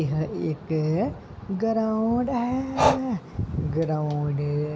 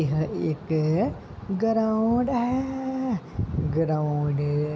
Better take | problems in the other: second | background sound (Breathing); 4 dB below the speech

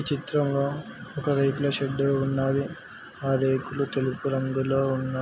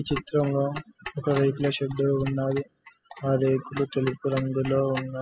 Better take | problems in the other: first | noise reduction (classical method spectral subtraction)

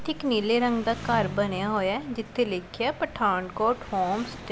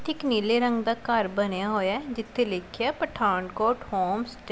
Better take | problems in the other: second | background sound (Engine); 14 dB below the speech

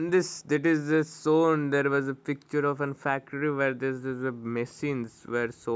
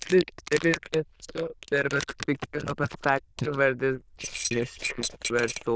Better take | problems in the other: first | noise reduction (neural diffusion model UNIVERSE++)

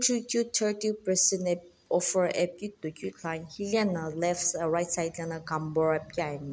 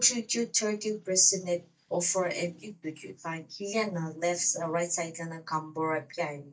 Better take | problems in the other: first | noise reduction (neural mask model DeepFilterNet 3)

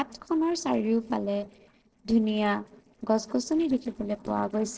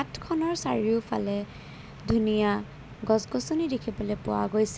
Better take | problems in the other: second | noise reduction (neural separator model SepFormer DNS4)

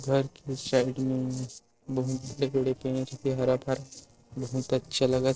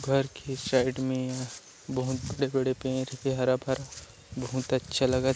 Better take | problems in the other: second | noise reduction (neural separator model SepFormer DNS4)

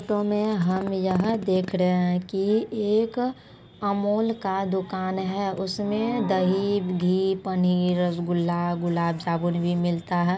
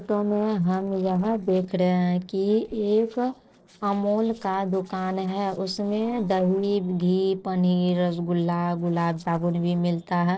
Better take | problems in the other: first | noise reduction (neural separator model SepFormer DNS4)

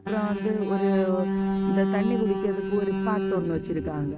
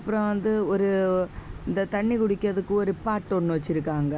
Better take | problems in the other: second | noise reduction (neural mask model RNNoise)

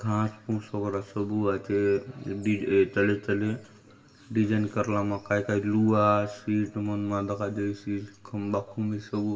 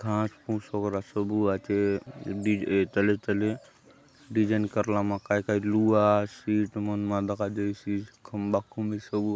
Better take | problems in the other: second | room echo; dies away in 0.8 s

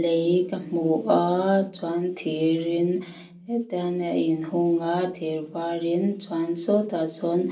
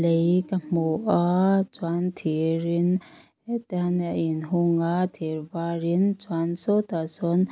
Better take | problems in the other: second | room echo; dies away in 0.3 s

